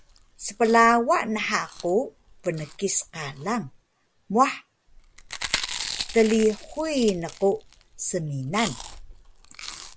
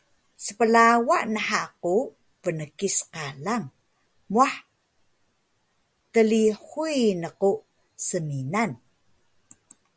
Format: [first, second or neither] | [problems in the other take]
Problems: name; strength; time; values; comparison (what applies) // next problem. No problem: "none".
second | background sound (Chewing, mastication); 13 dB below the speech